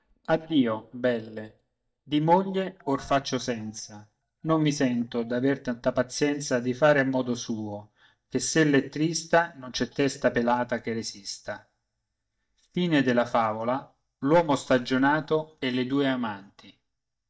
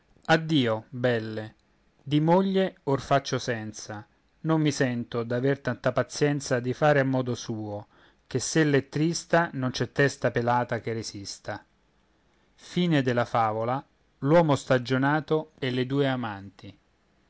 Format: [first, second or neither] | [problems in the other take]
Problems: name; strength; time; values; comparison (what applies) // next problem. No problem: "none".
second | noise reduction (neural mask model DeepFilterNet 3)